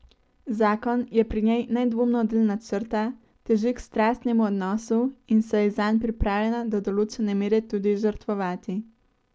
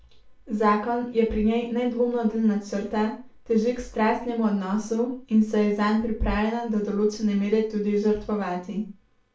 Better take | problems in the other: first | room echo; dies away in 0.3 s

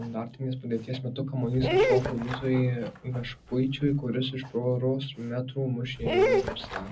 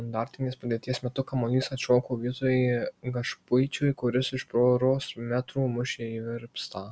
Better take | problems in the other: second | background sound (Dog); 2 dB below the speech // room echo; dies away in 0.4 s

